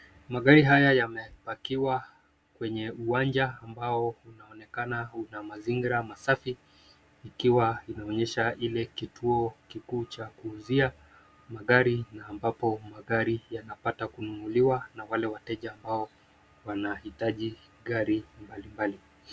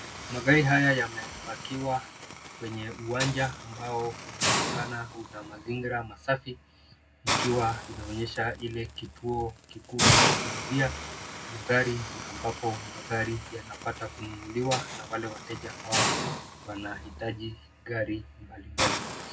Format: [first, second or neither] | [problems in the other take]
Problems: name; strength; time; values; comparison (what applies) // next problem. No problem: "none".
first | background sound (Hiss); 1 dB below the speech // room echo; dies away in 0.3 s